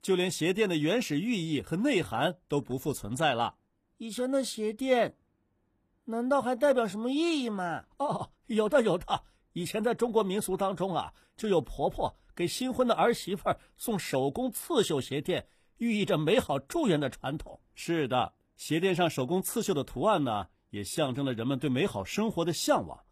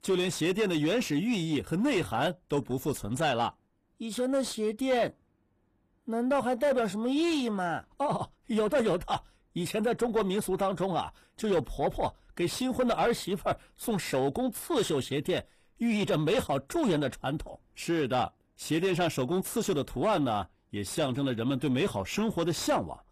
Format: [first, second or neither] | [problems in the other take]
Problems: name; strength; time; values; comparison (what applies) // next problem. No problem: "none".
first | distortion; slight; 10 dB below the speech